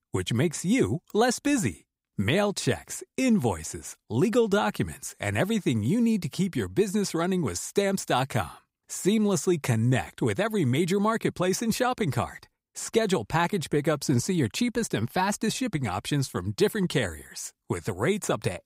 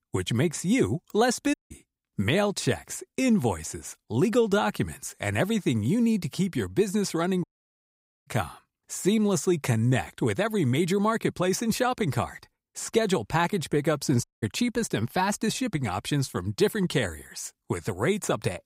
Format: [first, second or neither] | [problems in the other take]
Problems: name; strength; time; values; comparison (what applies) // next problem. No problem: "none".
first | audio cutting out; at 1.5 s, at 7.5 s for 1 s and at 14 s